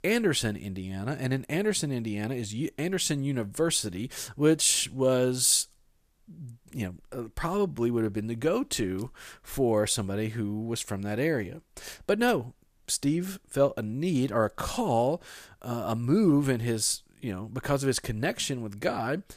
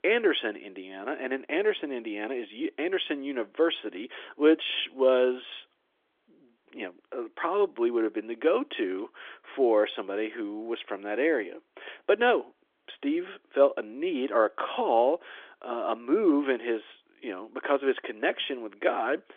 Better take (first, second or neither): first